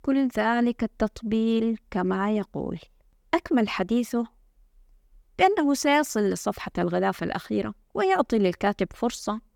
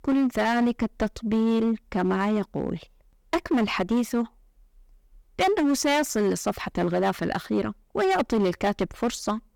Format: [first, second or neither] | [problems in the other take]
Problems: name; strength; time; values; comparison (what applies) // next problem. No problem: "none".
first | distortion; slight; 10% of the sound clipped